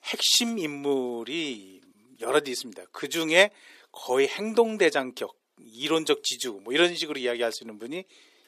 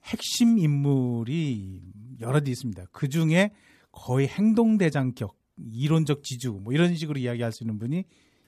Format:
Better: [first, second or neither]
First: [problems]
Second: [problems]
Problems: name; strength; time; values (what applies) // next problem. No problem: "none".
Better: second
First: thin; very; fading below 400 Hz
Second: none